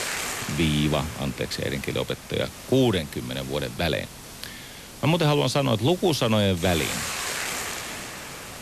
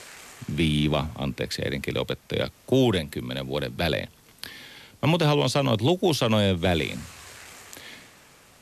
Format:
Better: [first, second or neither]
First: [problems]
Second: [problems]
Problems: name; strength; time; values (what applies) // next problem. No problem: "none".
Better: second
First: hiss; loud; throughout; 9 dB below the speech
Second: hiss; faint; throughout; 25 dB below the speech